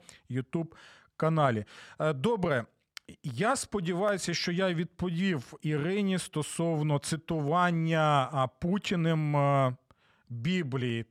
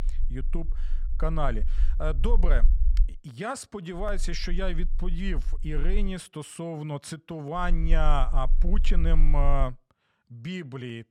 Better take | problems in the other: first | low rumble; faint; until 3 s, from 4 to 6 s and from 7.5 to 9.5 s; 20 dB below the speech

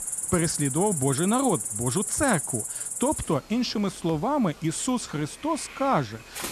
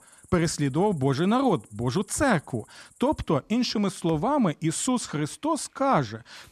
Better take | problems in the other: second | animal sounds; loud; throughout; 3 dB below the speech; faint in the second

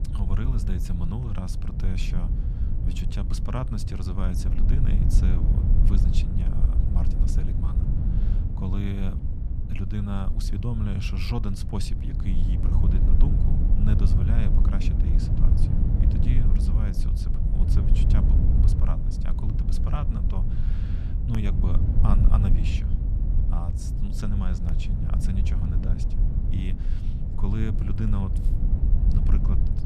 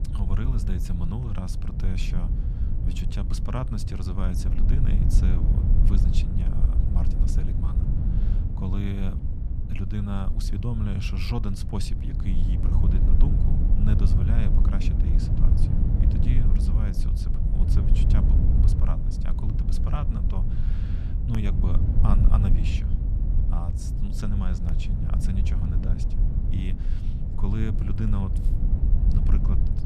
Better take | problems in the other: neither | low rumble; loud; throughout; 1 dB below the speech; the same in both

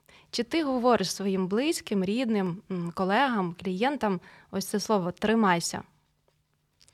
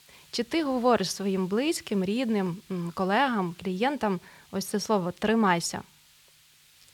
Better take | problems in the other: first | hiss; faint; throughout; 25 dB below the speech

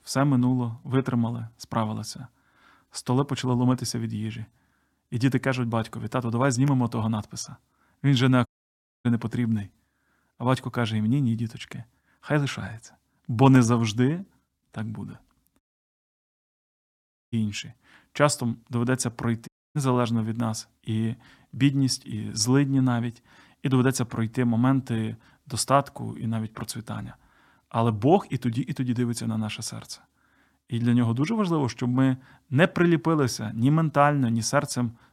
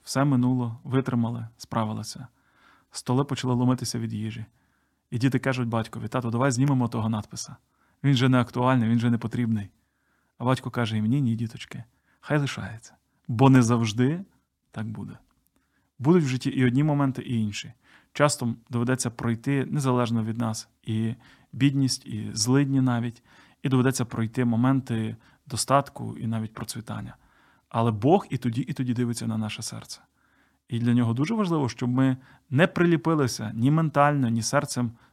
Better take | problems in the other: second | audio cutting out; at 8.5 s for 0.5 s, at 16 s for 1.5 s and at 19 s

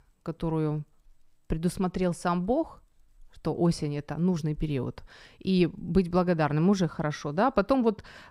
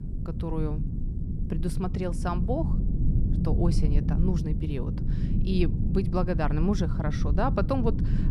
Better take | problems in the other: first | low rumble; loud; throughout; 7 dB below the speech

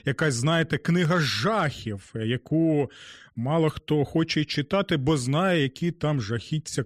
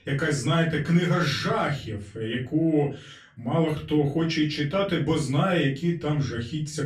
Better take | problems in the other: first | off-mic speech; far // room echo; slight; dies away in 0.3 s

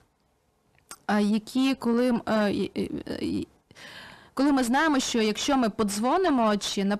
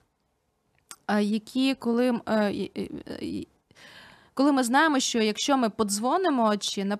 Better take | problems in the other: second | distortion; slight; 10 dB below the speech

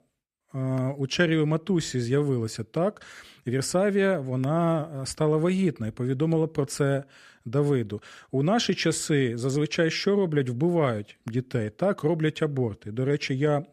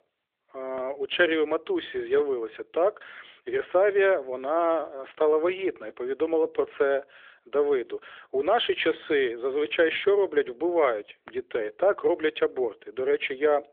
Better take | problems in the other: first | phone-call audio; nothing above 3.5 kHz

